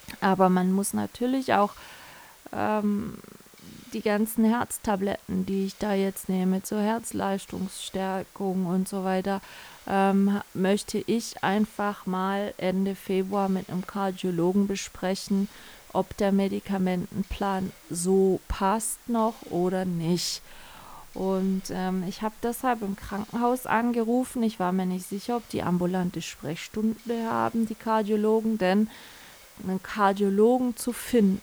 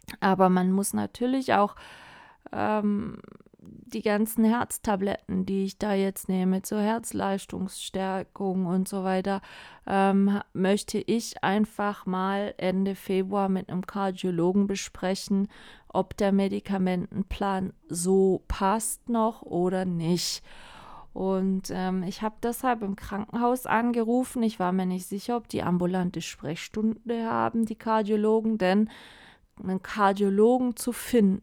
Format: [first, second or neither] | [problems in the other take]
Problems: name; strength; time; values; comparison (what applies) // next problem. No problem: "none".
second | hiss; faint; throughout; 25 dB below the speech